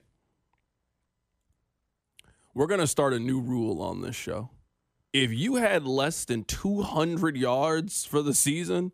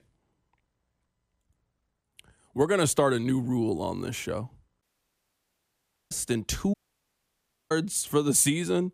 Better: first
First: none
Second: audio cutting out; at 5 s for 1.5 s and at 6.5 s for 1 s

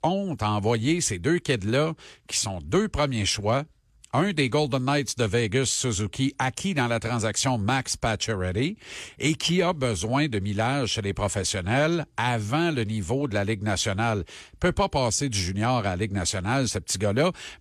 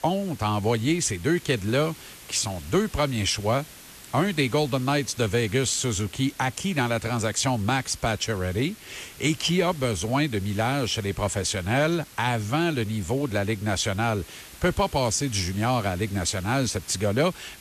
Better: first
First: none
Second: hiss; noticeable; throughout; 20 dB below the speech

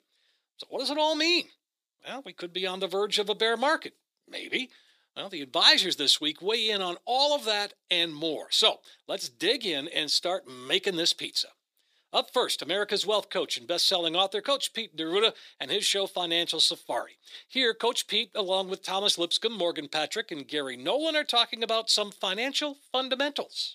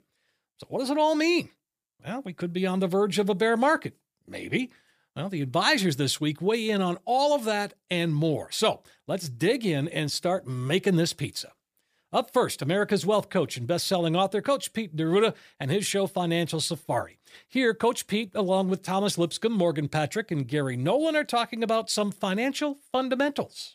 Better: second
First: thin; somewhat; fading below 300 Hz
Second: none

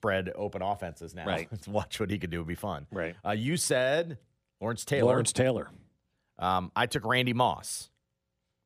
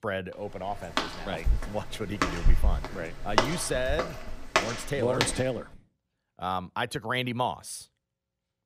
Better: first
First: none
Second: footsteps; loud; from 1 to 5.5 s; peak 5 dB above the speech

